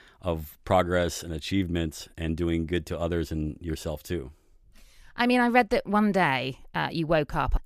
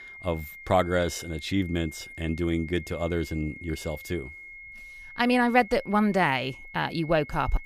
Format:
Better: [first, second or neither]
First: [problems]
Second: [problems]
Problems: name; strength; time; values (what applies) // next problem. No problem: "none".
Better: first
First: none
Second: high-pitched whine; noticeable; throughout; 2 kHz, 15 dB below the speech